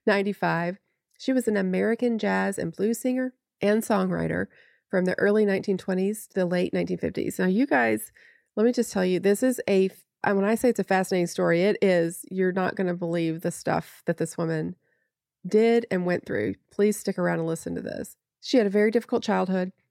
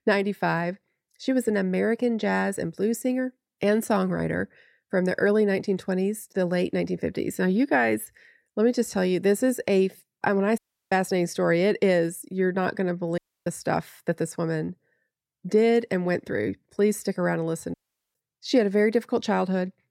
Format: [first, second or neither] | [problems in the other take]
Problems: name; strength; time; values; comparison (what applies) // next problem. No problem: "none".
first | audio cutting out; at 11 s, at 13 s and at 18 s